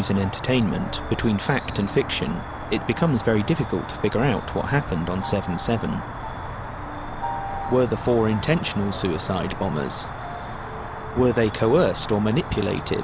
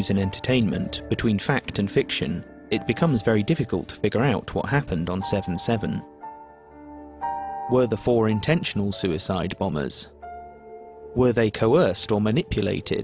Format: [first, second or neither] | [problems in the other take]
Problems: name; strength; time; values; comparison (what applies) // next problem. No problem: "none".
second | background sound (Cricket); 9 dB below the speech